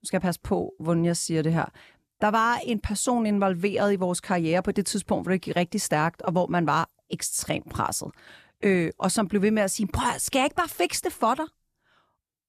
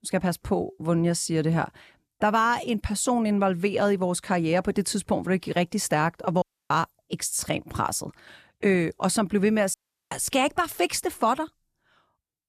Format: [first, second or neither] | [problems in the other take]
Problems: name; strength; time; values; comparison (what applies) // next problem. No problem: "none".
first | audio cutting out; at 6.5 s and at 9.5 s